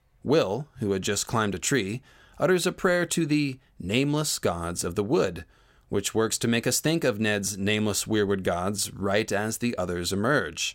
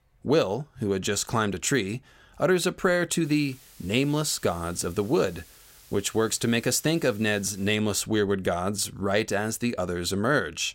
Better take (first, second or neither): first